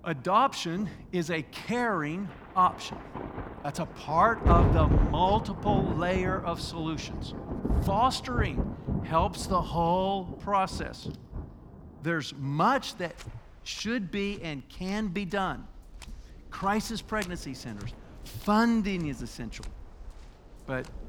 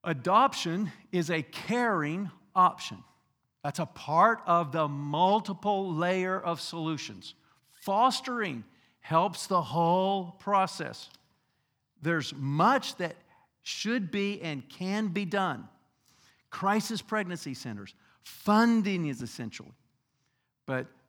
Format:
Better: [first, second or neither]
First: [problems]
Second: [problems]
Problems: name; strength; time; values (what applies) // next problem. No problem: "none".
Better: second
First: rain or running water; loud; throughout; 4 dB below the speech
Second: none